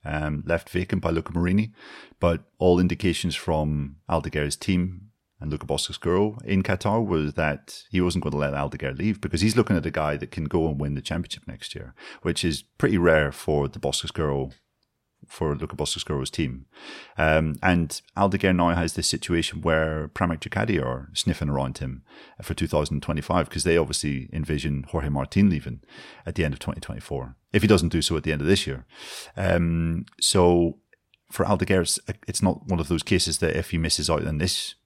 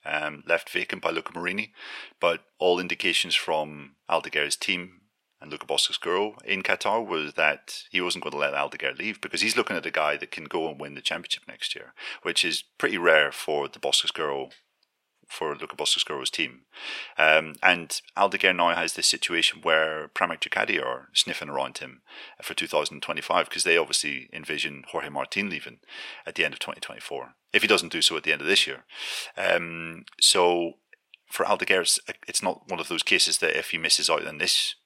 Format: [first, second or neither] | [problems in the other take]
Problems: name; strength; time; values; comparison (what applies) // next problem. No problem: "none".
first | thin; very; fading below 500 Hz